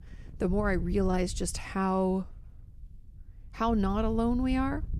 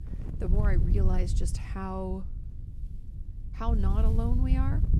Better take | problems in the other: first | wind noise on the microphone; heavy; 7 dB below the speech; occasional gusts in the first

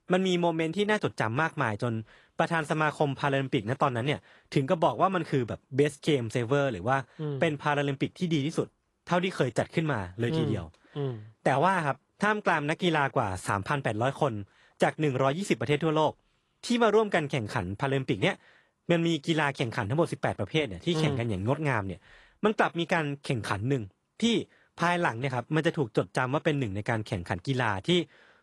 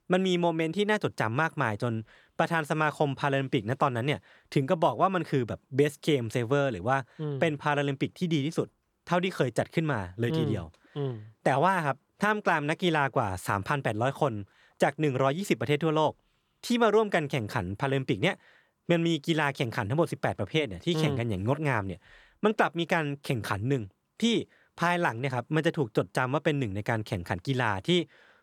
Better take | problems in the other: second | garbled, watery; slightly

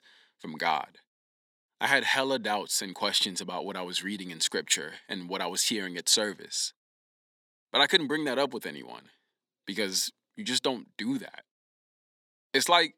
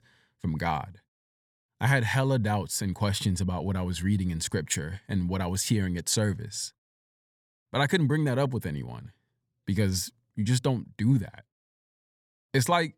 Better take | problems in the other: second | thin; somewhat; fading below 250 Hz

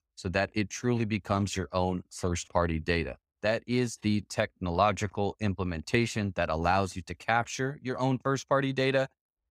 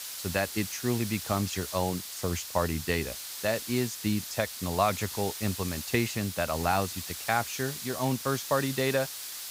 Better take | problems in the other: first | hiss; loud; throughout; 6 dB below the speech

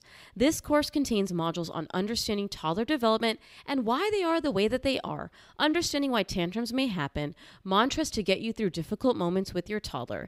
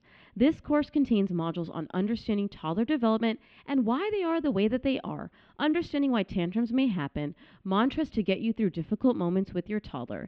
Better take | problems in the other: first | muffled; very; fading above 3 kHz

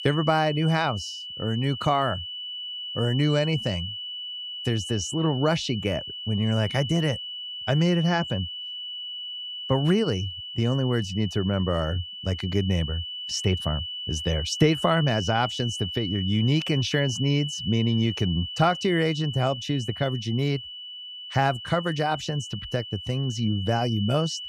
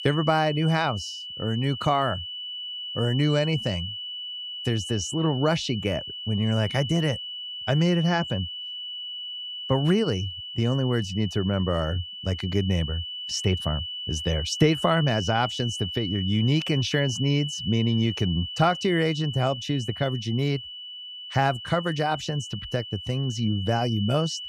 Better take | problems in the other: neither | high-pitched whine; loud; throughout; 3 kHz, 7 dB below the speech; the same in both

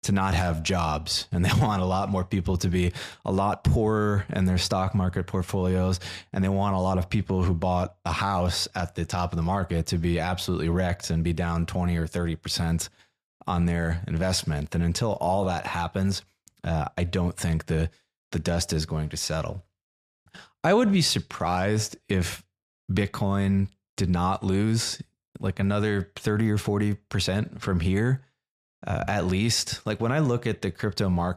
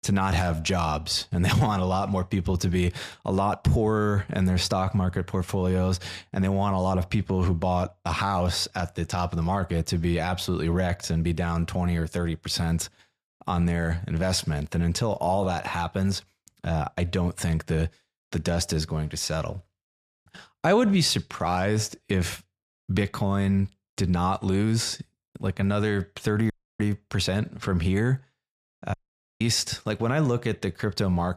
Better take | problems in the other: first | audio cutting out; at 27 s and at 29 s

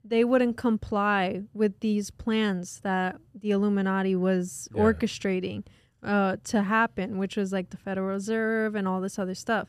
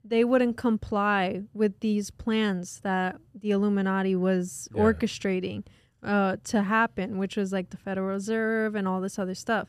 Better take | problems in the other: neither | none

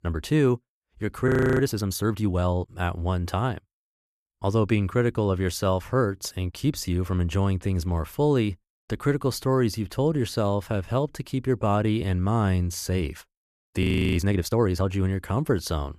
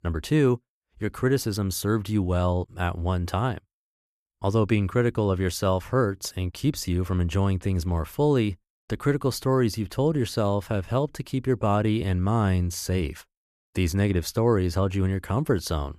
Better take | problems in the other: second | audio freezing; at 1.5 s and at 14 s

